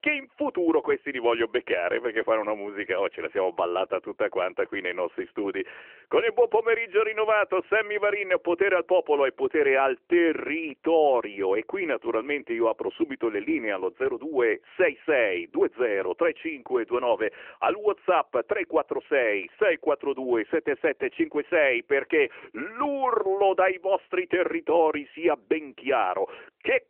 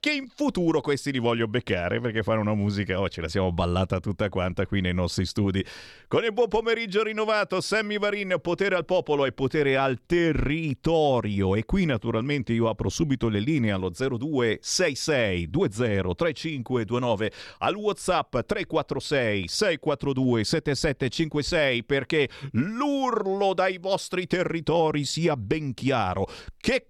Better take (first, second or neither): second